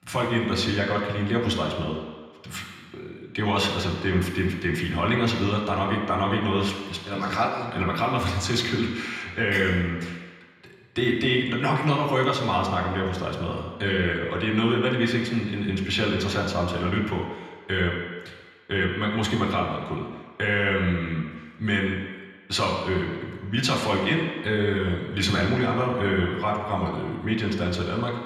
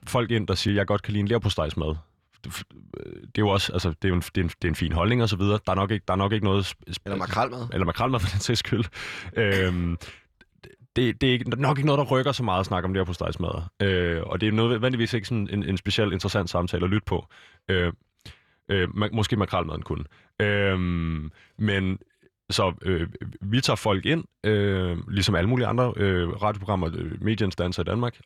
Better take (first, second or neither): second